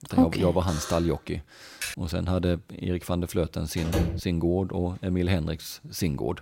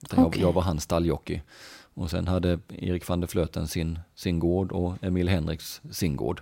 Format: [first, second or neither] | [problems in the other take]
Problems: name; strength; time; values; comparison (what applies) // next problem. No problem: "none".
second | alarm; noticeable; at 0.5 s; peak 8 dB below the speech // keyboard typing; noticeable; at 2 s; peak 6 dB below the speech // door banging; loud; at 4 s; peak level with the speech